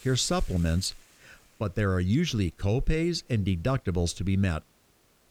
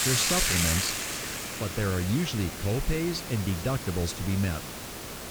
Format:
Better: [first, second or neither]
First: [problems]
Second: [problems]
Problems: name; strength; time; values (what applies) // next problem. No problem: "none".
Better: first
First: hiss; faint; throughout; 30 dB below the speech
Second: hiss; loud; throughout; 1 dB below the speech